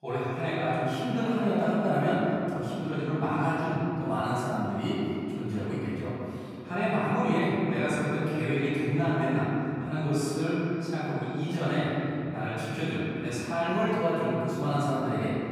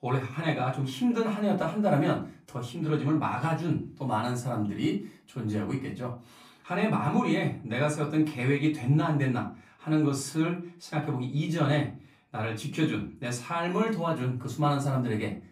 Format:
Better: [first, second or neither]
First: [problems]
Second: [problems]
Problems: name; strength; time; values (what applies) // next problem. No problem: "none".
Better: second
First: room echo; strong; dies away in 2.9 s // off-mic speech; far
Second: room echo; slight; dies away in 0.3 s // off-mic speech; far